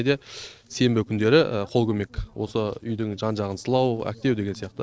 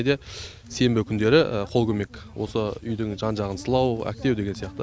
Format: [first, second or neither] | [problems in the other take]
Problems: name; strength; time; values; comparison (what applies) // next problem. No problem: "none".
second | noise reduction (neural separator model SepFormer DNS4)